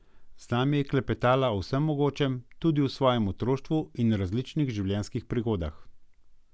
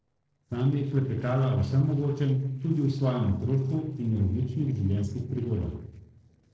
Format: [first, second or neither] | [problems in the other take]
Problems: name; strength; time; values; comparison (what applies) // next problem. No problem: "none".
first | noise reduction (neural separator model SepFormer DNS4)